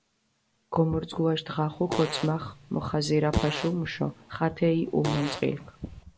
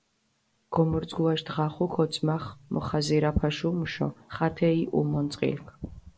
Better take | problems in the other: second | background sound (Fart); 9 dB below the speech

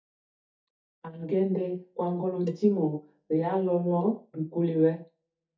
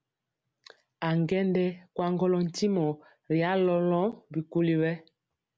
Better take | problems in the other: second | noise reduction (neural mask model DeepFilterNet 3)

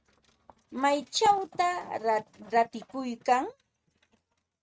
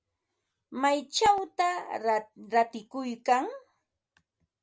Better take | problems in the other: second | noise reduction (neural mask model RNNoise)

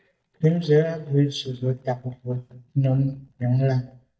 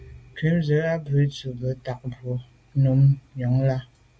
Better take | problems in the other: second | noise reduction (neural mask model DeepFilterNet 3)

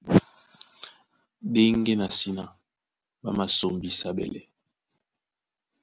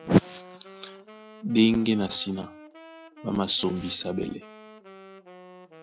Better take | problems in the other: first | background sound (Domestic sounds, home sounds + Wind instrument, woodwind instrument); 19 dB below the speech

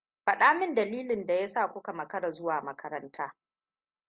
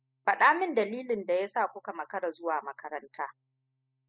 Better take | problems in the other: first | noise reduction (classical method spectral subtraction)

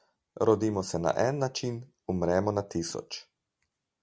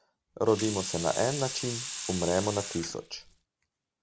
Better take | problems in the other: first | background sound (Sink (filling or washing) / Water tap, faucet); 7 dB below the speech

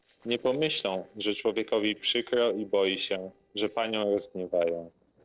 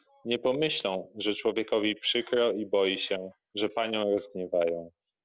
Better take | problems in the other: second | noise reduction (neural separator model SepFormer DNS4)

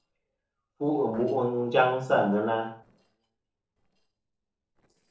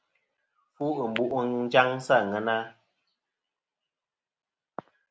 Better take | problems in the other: second | noise reduction (neural separator model SepFormer DNS4)

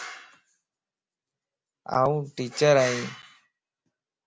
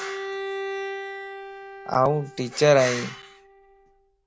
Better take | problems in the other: first | background sound (Bowed string instrument); 10 dB below the speech

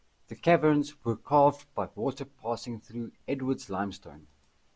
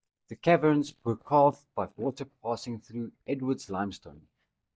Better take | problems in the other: first | noise reduction (neural mask model DeepFilterNet 3)

